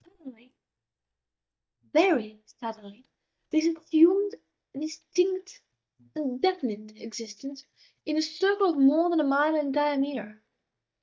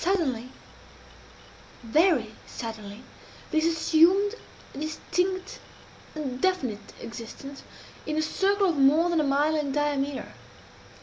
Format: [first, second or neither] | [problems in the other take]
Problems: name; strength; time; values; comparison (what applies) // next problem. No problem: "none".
second | noise reduction (neural mask model DeepFilterNet 3)